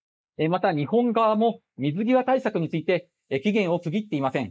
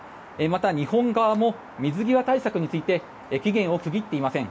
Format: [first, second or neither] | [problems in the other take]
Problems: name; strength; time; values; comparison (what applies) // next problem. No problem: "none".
second | noise reduction (neural mask model Resemble Enhance denoiser)